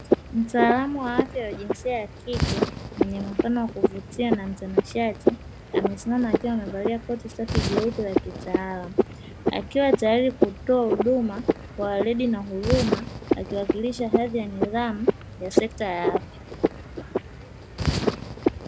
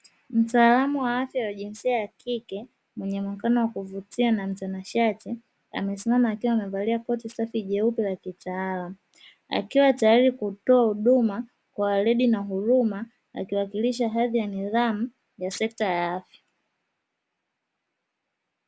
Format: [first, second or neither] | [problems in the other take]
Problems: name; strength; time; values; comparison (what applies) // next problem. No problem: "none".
second | background sound (Frog); as loud as the speech